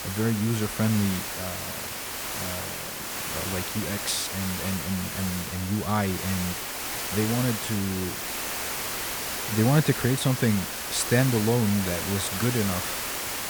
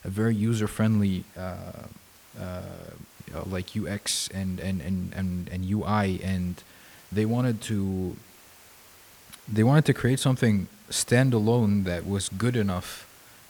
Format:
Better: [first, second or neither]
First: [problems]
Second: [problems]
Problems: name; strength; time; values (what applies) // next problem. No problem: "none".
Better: second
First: hiss; loud; throughout; 3 dB below the speech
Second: hiss; faint; throughout; 25 dB below the speech